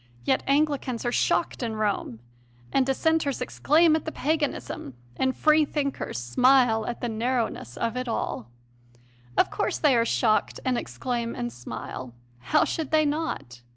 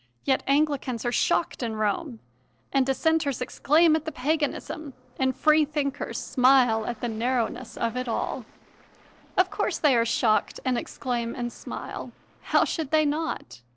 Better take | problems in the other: first | noise reduction (neural separator model SepFormer DNS4)

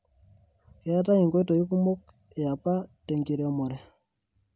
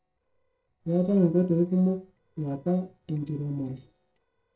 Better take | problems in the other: first | noise reduction (neural separator model SepFormer DNS4)

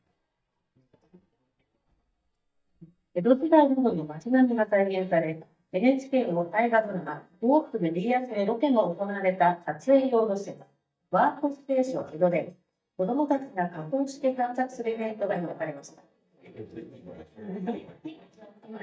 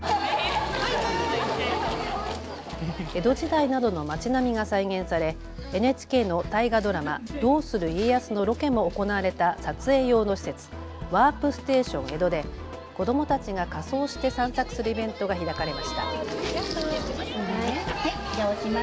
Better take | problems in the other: second | noise reduction (neural mask model DeepFilterNet 3)

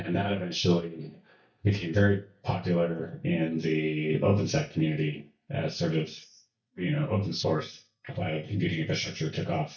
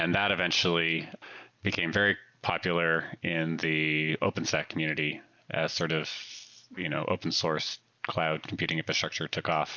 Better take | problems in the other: second | noise reduction (neural mask model DeepFilterNet 3)

